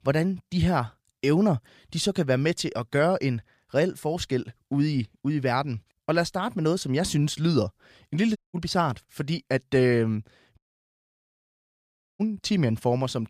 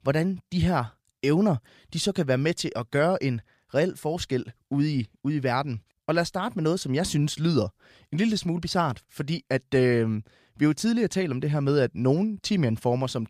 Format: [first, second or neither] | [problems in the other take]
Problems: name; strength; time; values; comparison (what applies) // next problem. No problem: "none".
second | audio cutting out; at 8.5 s and at 11 s for 1.5 s